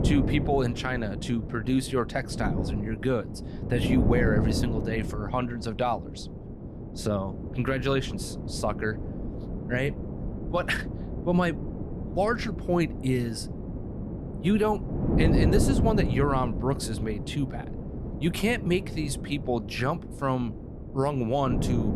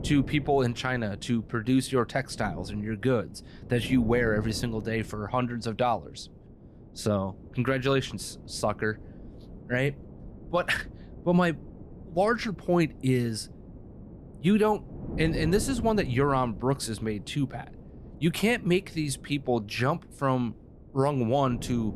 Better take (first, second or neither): second